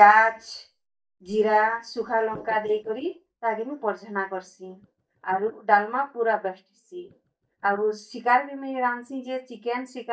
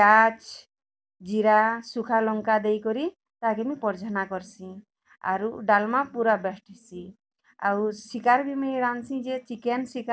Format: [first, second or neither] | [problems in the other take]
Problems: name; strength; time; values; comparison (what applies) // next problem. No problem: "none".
second | noise reduction (neural mask model DeepFilterNet 3)